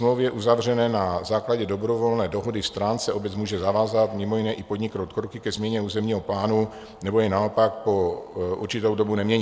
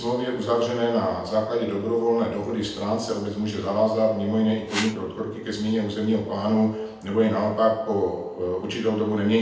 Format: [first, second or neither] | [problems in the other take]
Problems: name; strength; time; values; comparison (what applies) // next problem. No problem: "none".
first | background sound (Whoosh, swoosh, swish); 9 dB below the speech // room echo; dies away in 0.8 s